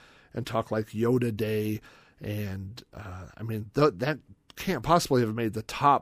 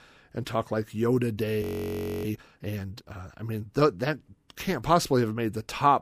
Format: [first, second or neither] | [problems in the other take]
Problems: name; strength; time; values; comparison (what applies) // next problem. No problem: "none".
first | audio freezing; at 1.5 s for 0.5 s